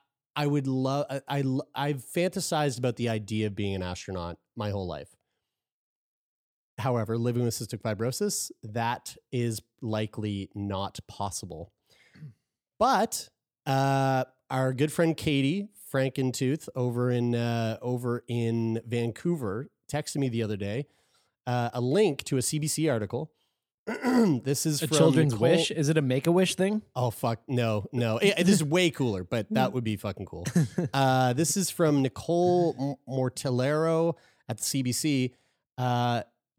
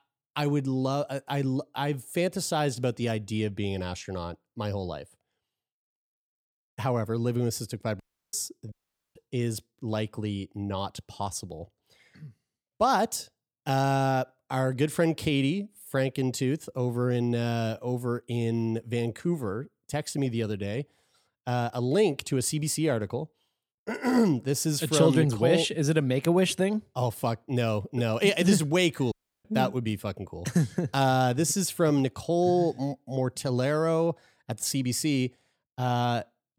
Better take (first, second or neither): first